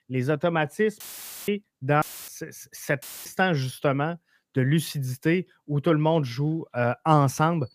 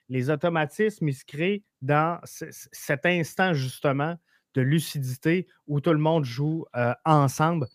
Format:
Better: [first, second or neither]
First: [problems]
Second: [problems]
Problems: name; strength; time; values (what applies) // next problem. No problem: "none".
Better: second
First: audio cutting out; filled with static; at 1 s, at 2 s and at 3 s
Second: none